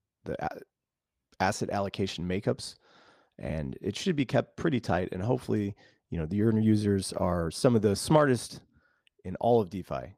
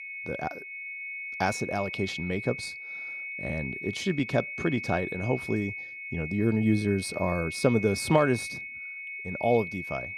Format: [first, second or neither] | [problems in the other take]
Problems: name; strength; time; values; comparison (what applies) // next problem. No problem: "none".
first | high-pitched whine; loud; throughout; 2 kHz, 7 dB below the speech